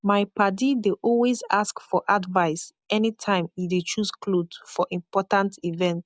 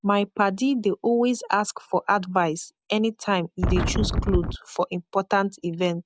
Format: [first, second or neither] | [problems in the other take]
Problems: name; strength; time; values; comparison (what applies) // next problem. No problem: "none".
first | background sound (Wind); 1 dB above the speech